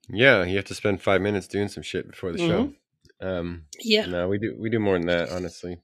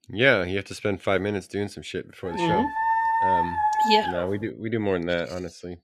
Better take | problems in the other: first | dog barking; loud; from 2.5 to 4.5 s; peak 5 dB above the speech

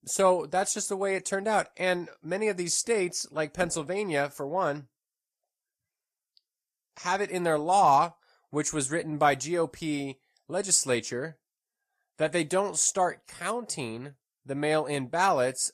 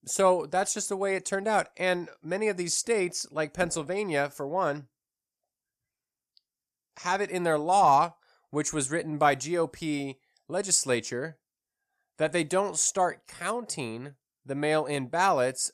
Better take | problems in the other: second | garbled, watery; slightly; nothing above 14.5 kHz

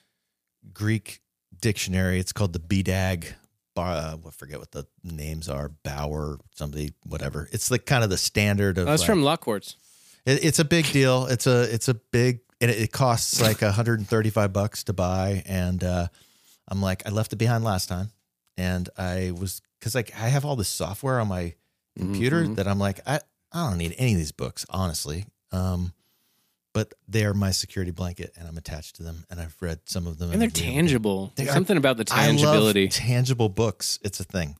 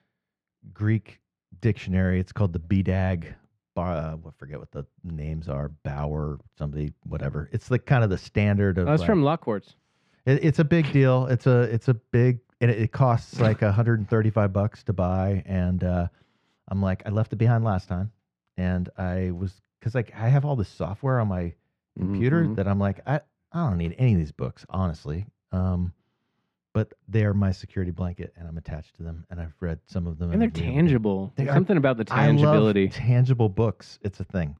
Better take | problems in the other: first | muffled; very; fading above 2 kHz

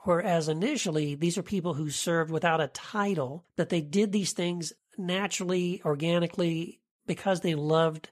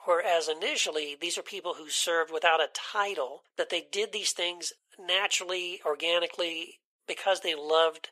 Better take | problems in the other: first | thin; very; fading below 450 Hz

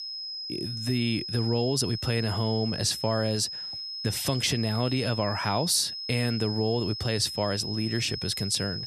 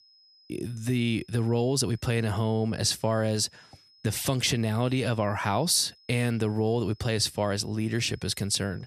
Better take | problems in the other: second | high-pitched whine; loud; throughout; 5 kHz, 6 dB below the speech; faint in the second

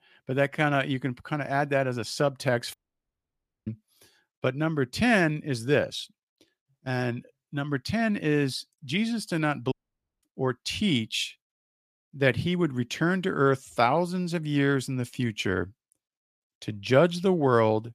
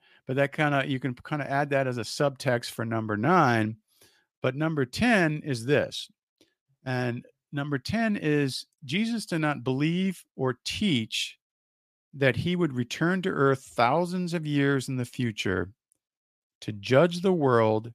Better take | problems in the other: second | audio cutting out; at 2.5 s for 1 s and at 9.5 s for 0.5 s

